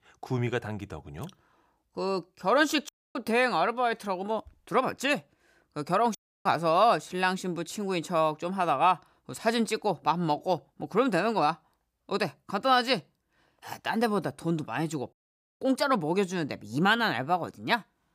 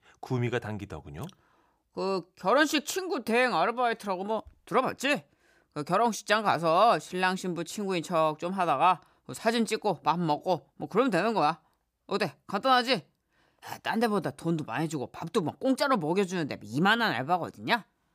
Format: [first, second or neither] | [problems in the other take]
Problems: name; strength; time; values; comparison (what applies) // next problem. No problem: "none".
second | audio cutting out; at 3 s, at 6 s and at 15 s